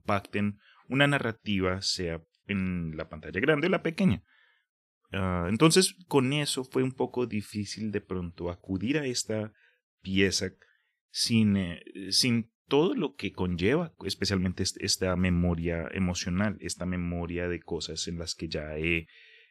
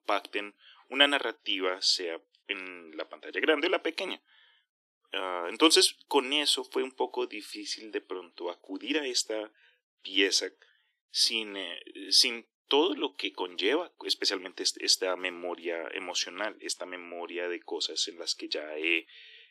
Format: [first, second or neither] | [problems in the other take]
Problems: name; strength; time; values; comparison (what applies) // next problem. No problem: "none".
first | thin; somewhat; fading below 300 Hz